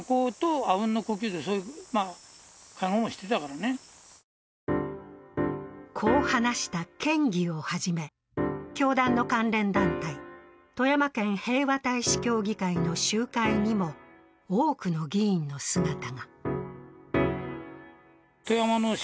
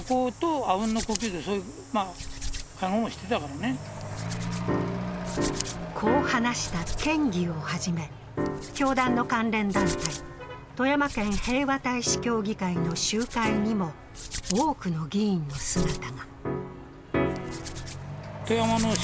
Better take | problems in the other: first | background sound (Accelerating, revving, vroom / Truck + Hands); 8 dB below the speech

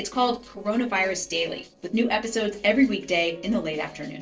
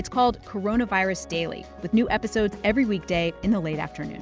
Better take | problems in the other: second | noise reduction (neural separator model SepFormer DNS4)

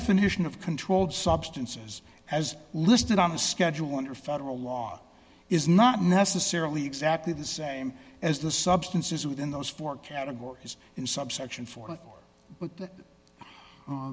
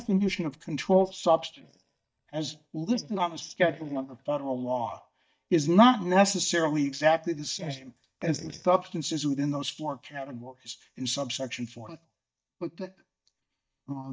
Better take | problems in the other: first | noise reduction (neural mask model DeepFilterNet 3)

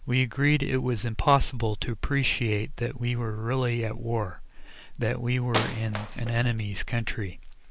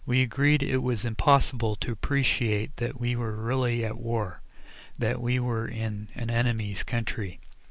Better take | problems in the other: second | background sound (Wood); 9 dB below the speech

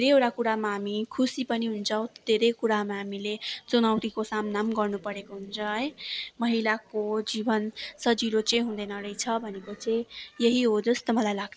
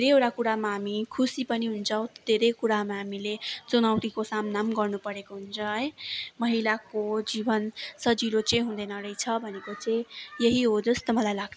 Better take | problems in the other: second | noise reduction (neural separator model SepFormer DNS4)

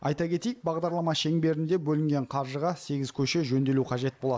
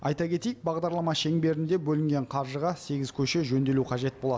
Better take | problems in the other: second | noise reduction (neural mask model Resemble Enhance denoiser)

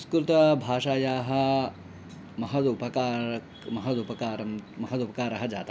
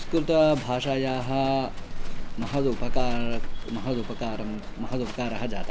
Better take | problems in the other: first | background sound (Livestock, farm animals, working animals); as loud as the speech

